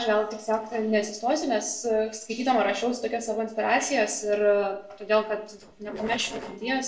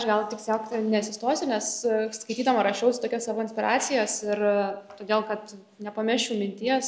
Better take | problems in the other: second | noise reduction (neural separator model SepFormer DNS4)

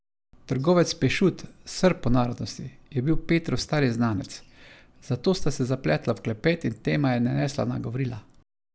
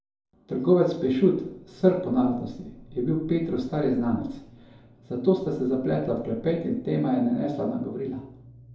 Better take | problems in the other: first | room echo; dies away in 2.6 s

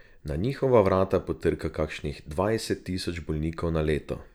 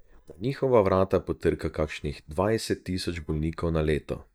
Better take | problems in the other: first | noise reduction (neural mask model DeepFilterNet 3)

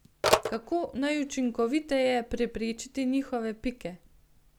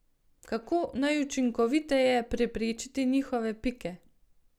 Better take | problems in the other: second | background sound (Telephone); 5 dB below the speech

